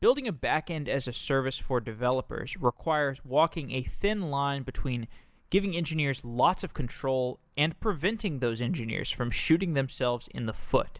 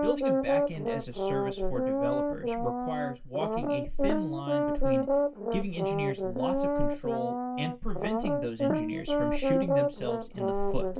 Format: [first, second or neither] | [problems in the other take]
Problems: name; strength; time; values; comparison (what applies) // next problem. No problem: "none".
first | background sound (Brass instrument); 3 dB above the speech // room echo; dies away in 0.2 s